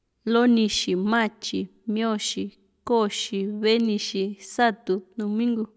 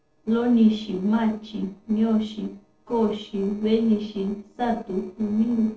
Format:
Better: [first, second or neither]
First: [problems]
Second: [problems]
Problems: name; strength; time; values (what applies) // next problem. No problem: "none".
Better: first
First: none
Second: noise reduction (neural separator model SepFormer DNS4)